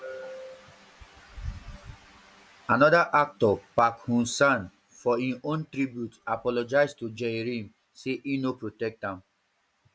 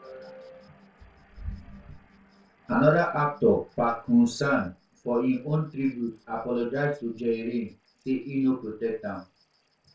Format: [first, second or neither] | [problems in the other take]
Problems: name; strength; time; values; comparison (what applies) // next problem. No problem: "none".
first | noise reduction (neural separator model SepFormer DNS4)